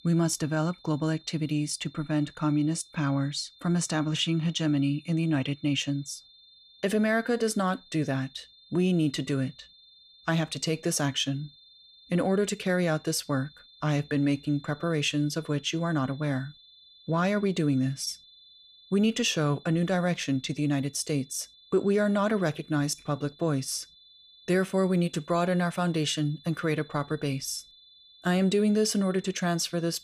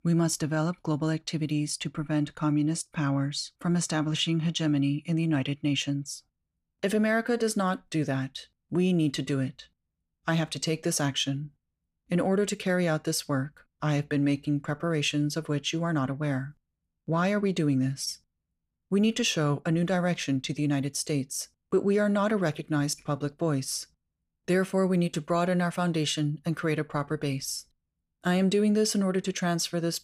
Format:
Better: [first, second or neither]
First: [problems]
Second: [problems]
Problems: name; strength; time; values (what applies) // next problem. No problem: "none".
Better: second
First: high-pitched whine; faint; throughout; 3.5 kHz, 25 dB below the speech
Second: none